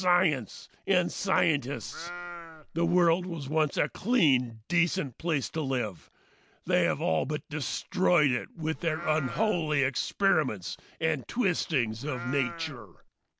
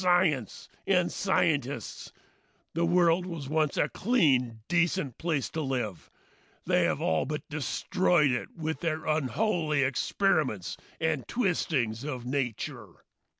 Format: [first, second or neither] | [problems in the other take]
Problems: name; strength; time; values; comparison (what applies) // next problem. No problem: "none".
second | background sound (Livestock, farm animals, working animals); 13 dB below the speech